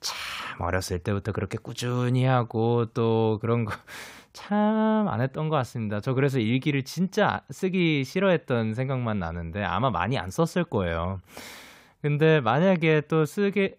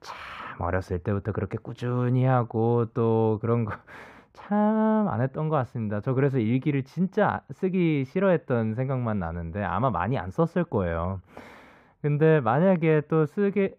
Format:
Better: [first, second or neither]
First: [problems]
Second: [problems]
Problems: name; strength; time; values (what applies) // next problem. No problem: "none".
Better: first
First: none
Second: muffled; very; fading above 2.5 kHz